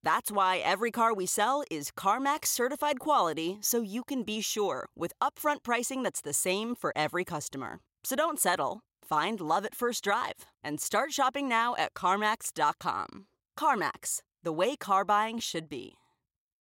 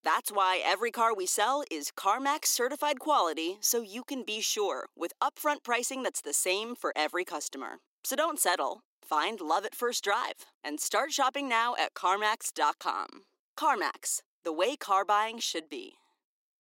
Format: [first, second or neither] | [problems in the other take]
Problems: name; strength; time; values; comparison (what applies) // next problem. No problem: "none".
first | thin; very slightly; fading below 250 Hz